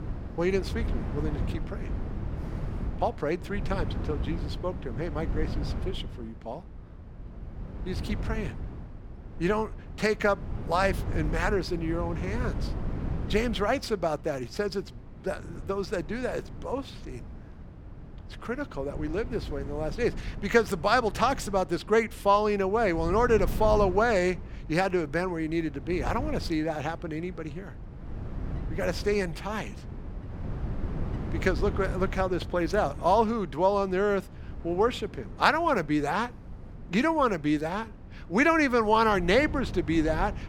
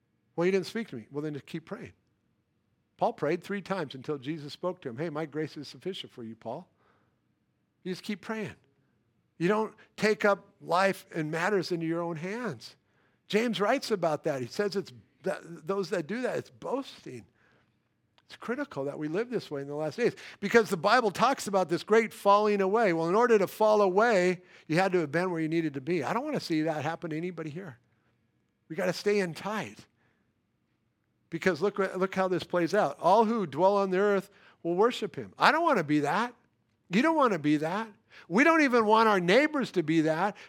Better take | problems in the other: second | wind noise on the microphone; occasional gusts; 20 dB below the speech

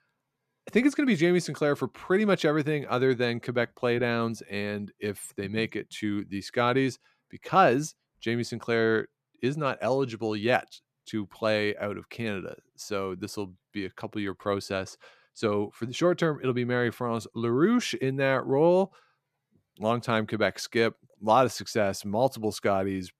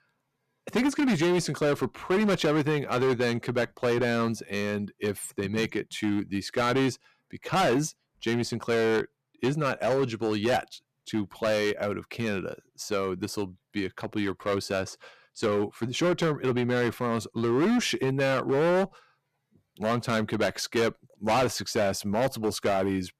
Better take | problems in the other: first | distortion; heavy; 11% of the sound clipped

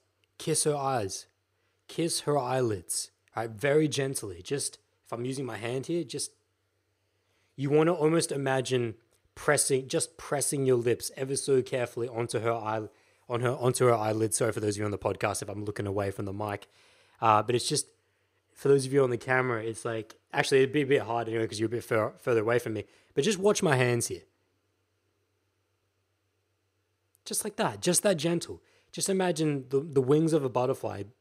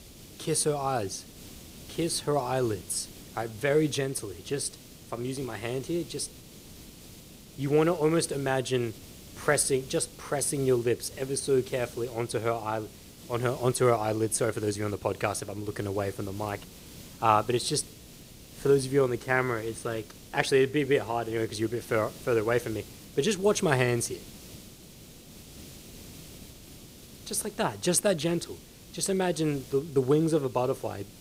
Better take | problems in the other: first | hiss; noticeable; throughout; 20 dB below the speech

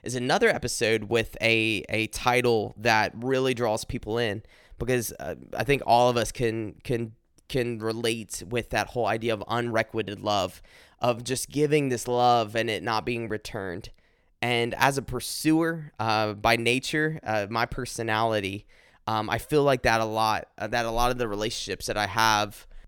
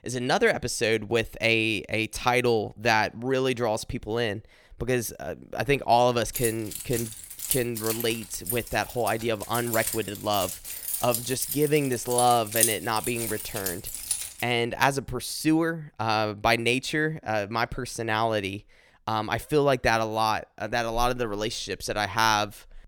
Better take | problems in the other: first | jangling keys; loud; from 6.5 to 14 s; peak 3 dB above the speech

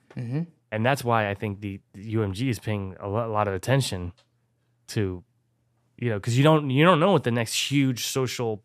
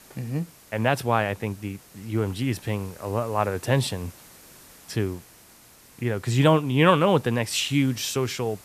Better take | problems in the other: first | hiss; faint; throughout; 25 dB below the speech

